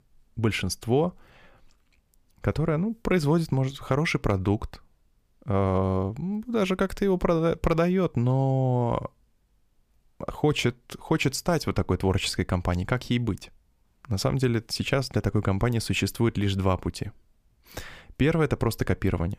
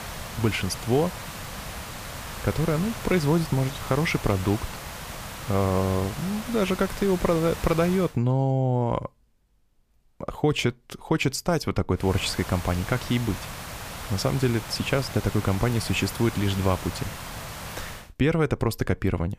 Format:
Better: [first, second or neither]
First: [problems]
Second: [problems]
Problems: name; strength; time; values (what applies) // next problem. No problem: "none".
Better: first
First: none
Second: hiss; noticeable; until 8 s and from 12 to 18 s; 10 dB below the speech